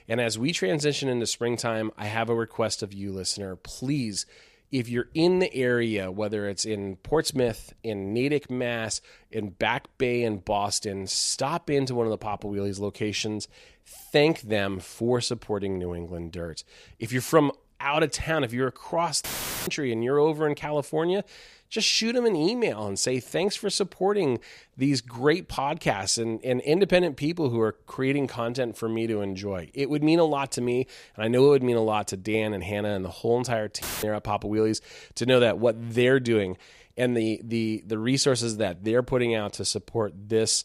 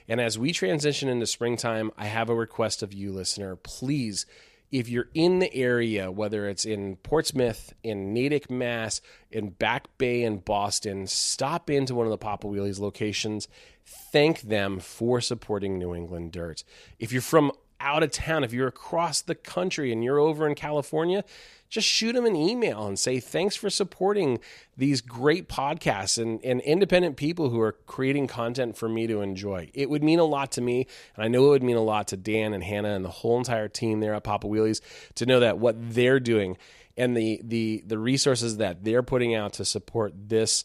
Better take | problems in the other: second | audio cutting out; filled with static; at 19 s and at 34 s

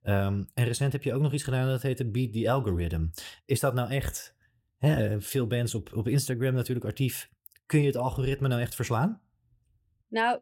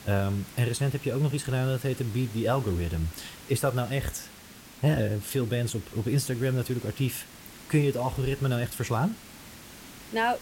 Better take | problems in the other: first | hiss; noticeable; throughout; 15 dB below the speech

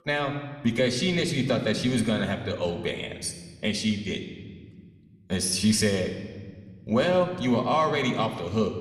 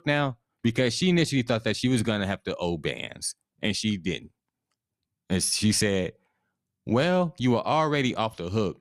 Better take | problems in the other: second | room echo; slight; dies away in 1.3 s

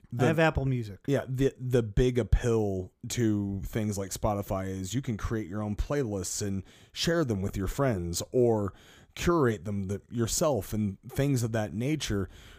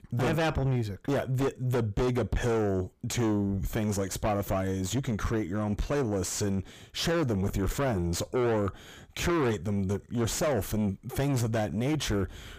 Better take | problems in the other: first | distortion; heavy; 5 dB below the speech

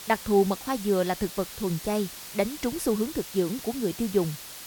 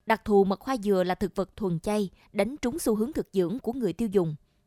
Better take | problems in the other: second | hiss; noticeable; throughout; 10 dB below the speech

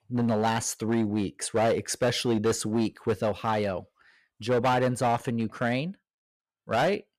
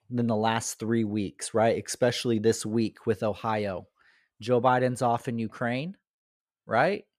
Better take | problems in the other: second | distortion; slight; 7% of the sound clipped

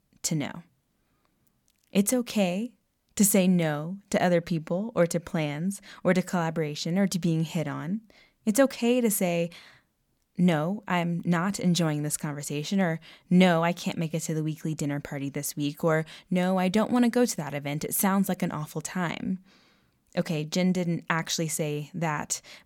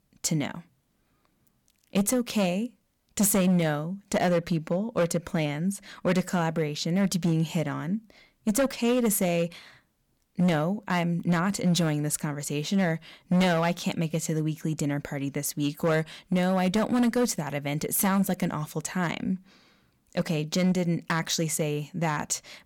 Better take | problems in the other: first | distortion; slight; 6% of the sound clipped

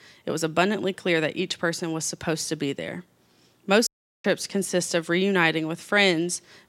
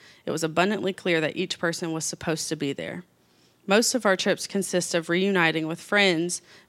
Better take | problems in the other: second | audio cutting out; at 4 s

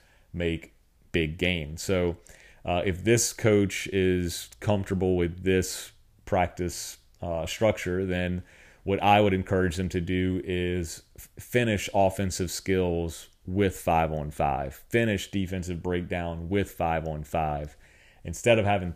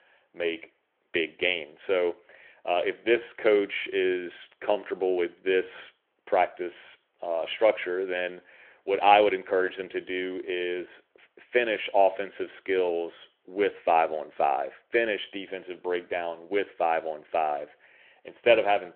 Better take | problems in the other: first | phone-call audio

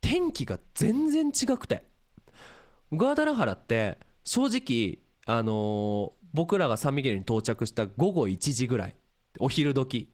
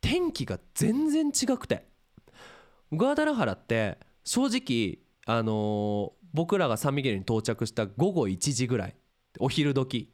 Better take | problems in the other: second | garbled, watery; slightly

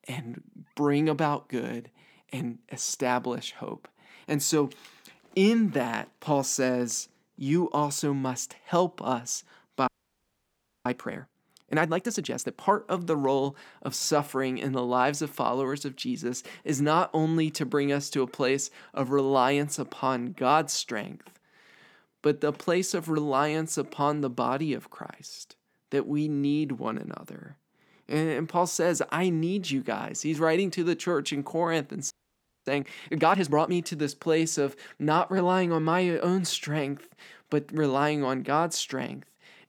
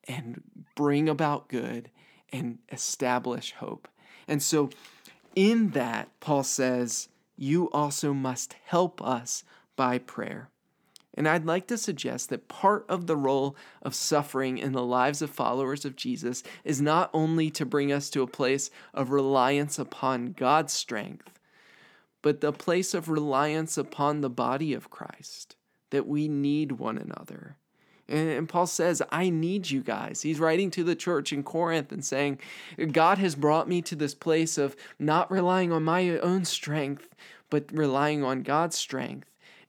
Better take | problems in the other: second | audio freezing; at 10 s for 1 s and at 32 s for 0.5 s

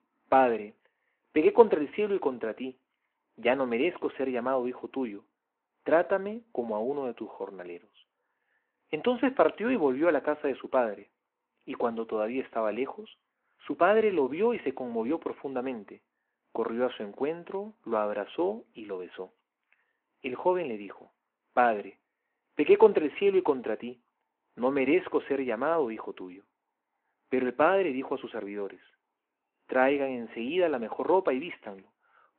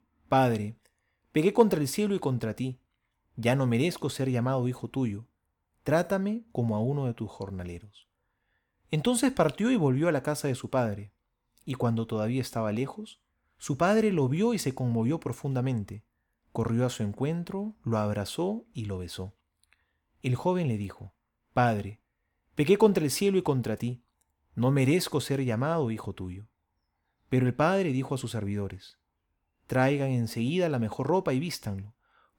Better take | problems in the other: second | phone-call audio

